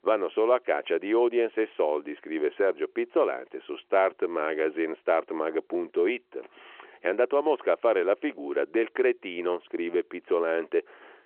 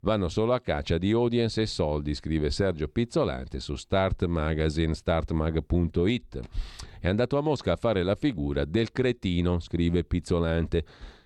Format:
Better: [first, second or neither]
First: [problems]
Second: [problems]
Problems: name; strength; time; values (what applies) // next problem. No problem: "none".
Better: second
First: phone-call audio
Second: none